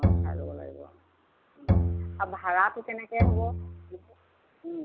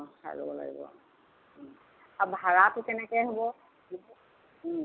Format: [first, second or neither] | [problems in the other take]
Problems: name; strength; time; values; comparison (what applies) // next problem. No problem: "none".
second | background sound (Bowed string instrument); 5 dB above the speech